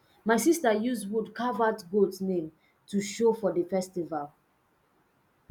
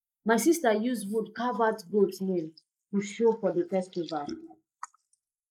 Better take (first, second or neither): first